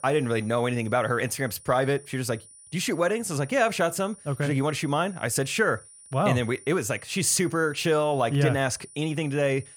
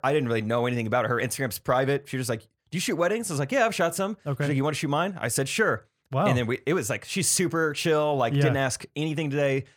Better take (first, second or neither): second